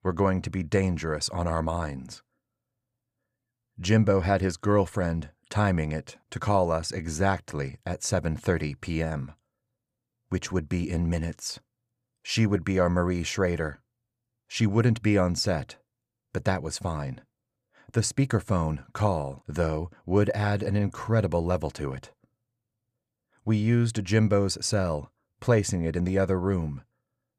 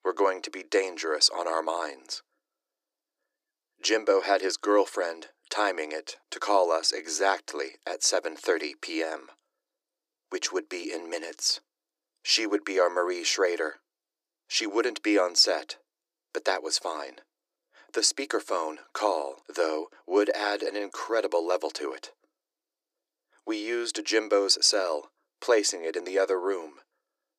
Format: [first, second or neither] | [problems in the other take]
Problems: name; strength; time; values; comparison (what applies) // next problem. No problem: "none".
first | thin; very; fading below 300 Hz